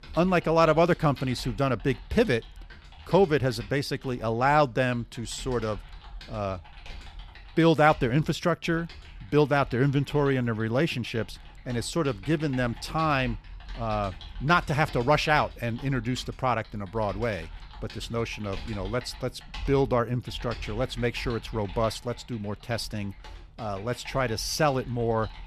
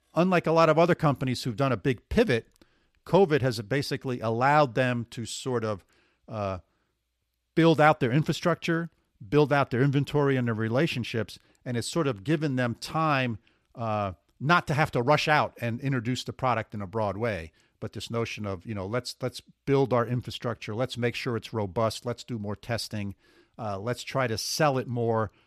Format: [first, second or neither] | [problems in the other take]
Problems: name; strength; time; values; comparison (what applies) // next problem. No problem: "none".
second | household noises; noticeable; throughout; 20 dB below the speech